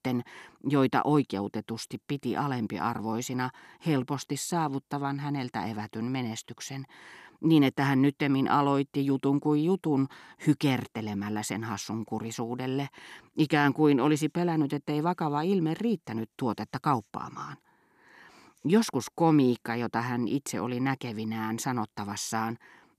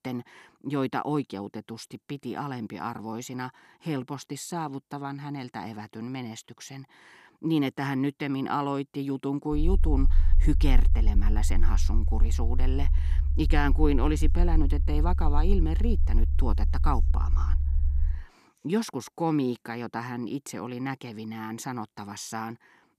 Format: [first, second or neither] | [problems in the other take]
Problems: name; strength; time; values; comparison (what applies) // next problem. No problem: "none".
first | low rumble; noticeable; from 9.5 to 18 s; 15 dB below the speech